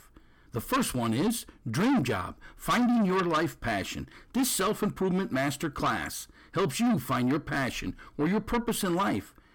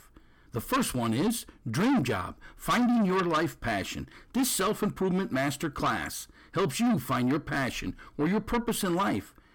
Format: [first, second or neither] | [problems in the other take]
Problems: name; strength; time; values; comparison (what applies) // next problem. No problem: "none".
neither | distortion; heavy; 6 dB below the speech; the same in both